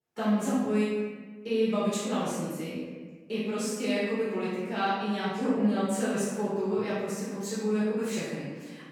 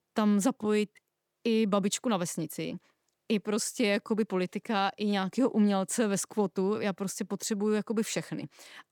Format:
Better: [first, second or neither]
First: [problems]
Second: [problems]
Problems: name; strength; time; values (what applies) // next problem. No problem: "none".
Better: second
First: off-mic speech; far // room echo; strong; dies away in 1.2 s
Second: none